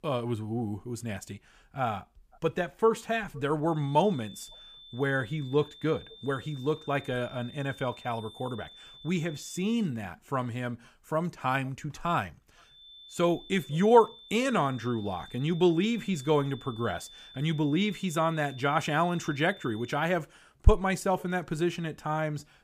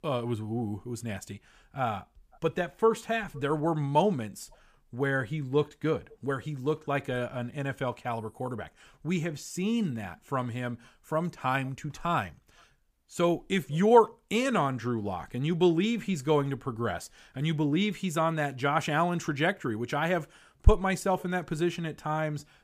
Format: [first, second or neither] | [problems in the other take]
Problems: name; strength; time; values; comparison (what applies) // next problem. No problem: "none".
second | high-pitched whine; noticeable; from 4 to 9.5 s and from 13 to 20 s; 3.5 kHz, 20 dB below the speech